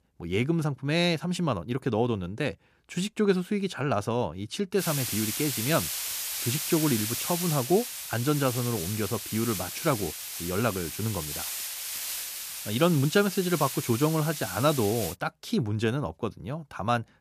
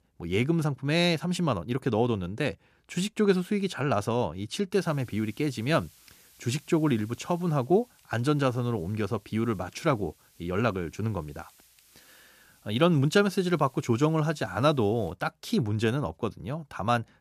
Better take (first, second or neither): second